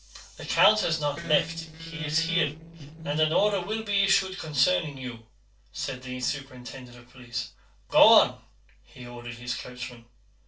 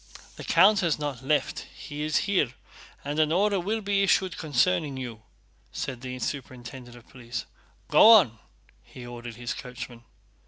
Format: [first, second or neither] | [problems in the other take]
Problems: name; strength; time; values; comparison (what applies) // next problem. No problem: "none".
second | noise reduction (neural separator model SepFormer DNS4)